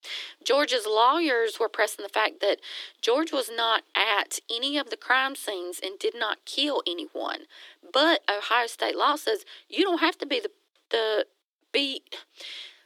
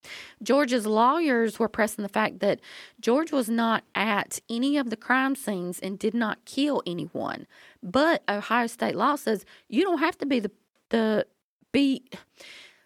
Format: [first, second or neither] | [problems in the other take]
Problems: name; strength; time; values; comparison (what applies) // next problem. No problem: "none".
second | thin; somewhat; fading below 300 Hz